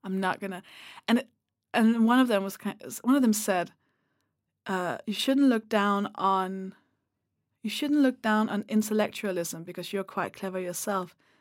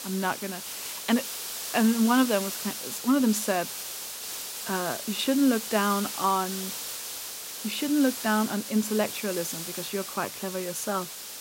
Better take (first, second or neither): first